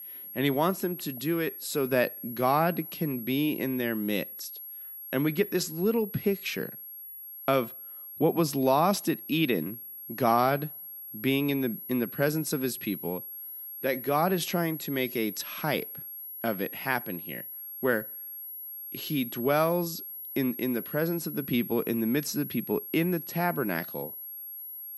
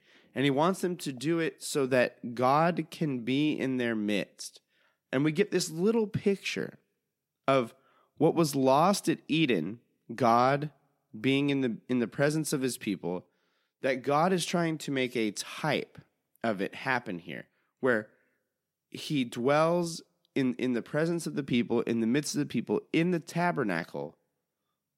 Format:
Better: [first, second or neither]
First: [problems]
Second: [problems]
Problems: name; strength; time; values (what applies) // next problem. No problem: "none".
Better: second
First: high-pitched whine; loud; throughout; 11.5 kHz, 9 dB below the speech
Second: none